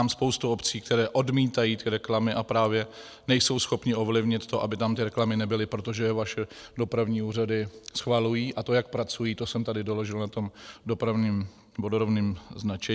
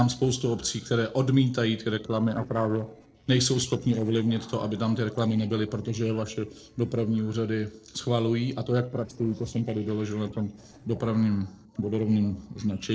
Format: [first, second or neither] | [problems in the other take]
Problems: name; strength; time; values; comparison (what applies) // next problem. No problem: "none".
first | noise reduction (neural separator model SepFormer DNS4)